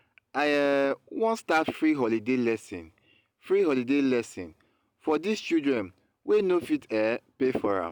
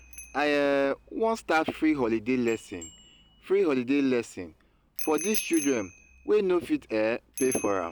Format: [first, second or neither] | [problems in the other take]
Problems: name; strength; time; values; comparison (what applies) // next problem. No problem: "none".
first | background sound (Bicycle bell); 14 dB below the speech